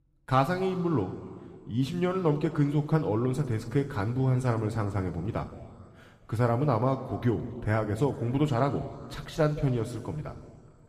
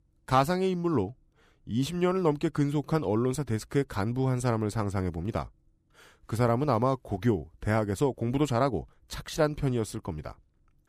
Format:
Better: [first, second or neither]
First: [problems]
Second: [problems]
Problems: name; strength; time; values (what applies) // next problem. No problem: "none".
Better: second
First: room echo; slight; dies away in 2.1 s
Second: none